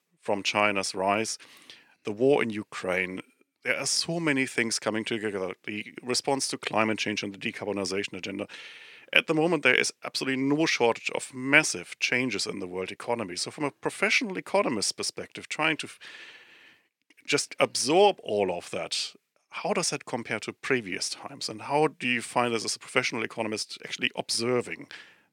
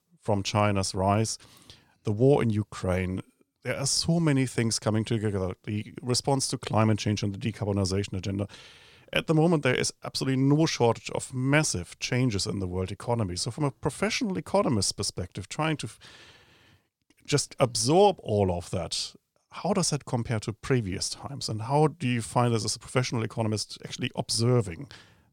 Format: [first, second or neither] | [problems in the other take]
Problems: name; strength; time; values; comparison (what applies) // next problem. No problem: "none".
second | thin; very slightly; fading below 300 Hz